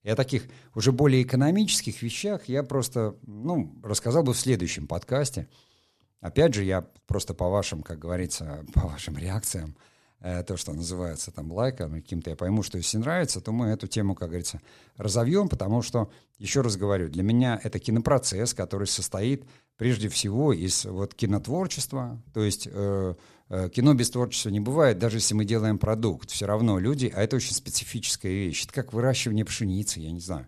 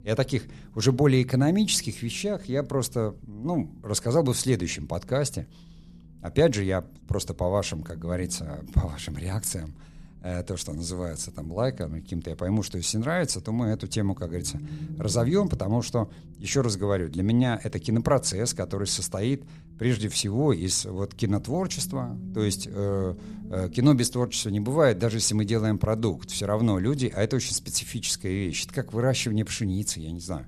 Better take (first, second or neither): first